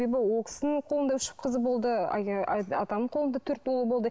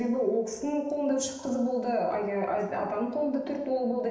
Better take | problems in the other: first | room echo; dies away in 0.9 s

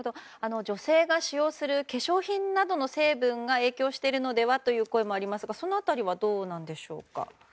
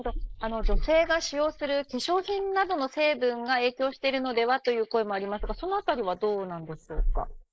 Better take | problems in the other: first | noise reduction (neural mask model Resemble Enhance denoiser)

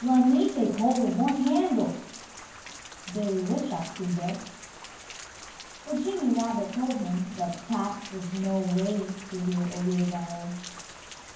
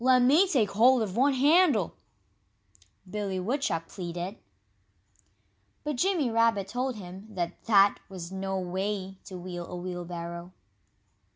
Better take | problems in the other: second | background sound (Rain); 16 dB below the speech // room echo; dies away in 0.9 s

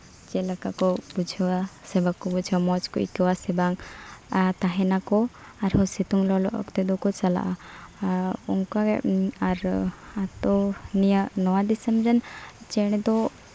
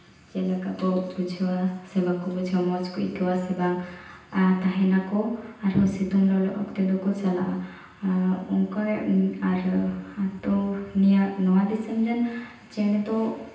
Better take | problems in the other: first | room echo; dies away in 0.9 s

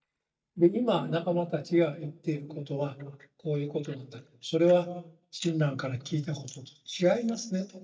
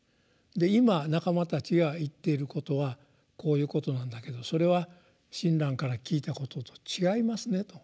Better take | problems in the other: second | noise reduction (neural mask model DeepFilterNet 3)

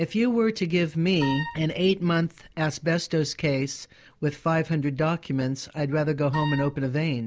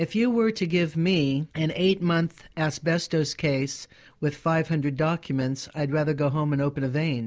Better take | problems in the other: second | background sound (Wind instrument, woodwind instrument); 9 dB below the speech

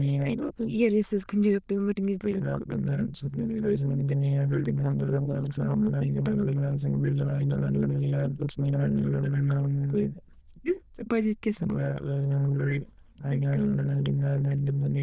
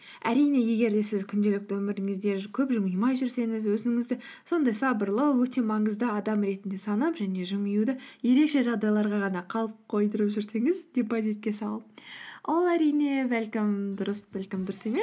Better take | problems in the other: second | noise reduction (neural diffusion model UNIVERSE++)

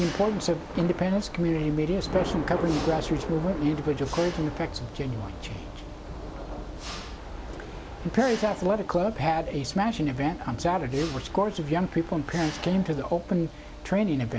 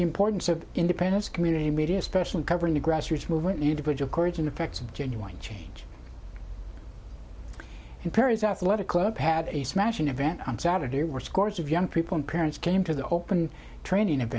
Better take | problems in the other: second | background sound (Thunder / Rain + Mechanisms); 11 dB below the speech

